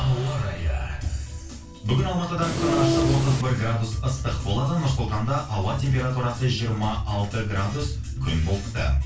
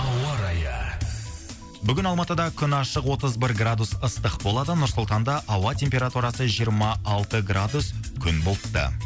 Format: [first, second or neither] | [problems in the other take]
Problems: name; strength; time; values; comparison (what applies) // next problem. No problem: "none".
second | background sound (Train); 1 dB above the speech // room echo; dies away in 0.3 s